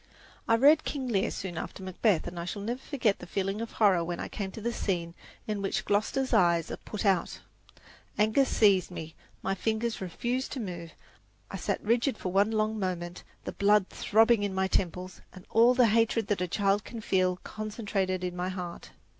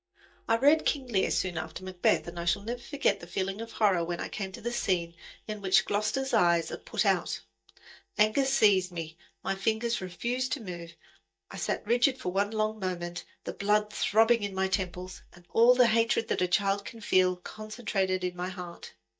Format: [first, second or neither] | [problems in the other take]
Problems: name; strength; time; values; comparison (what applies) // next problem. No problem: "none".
first | noise reduction (neural mask model DeepFilterNet 3)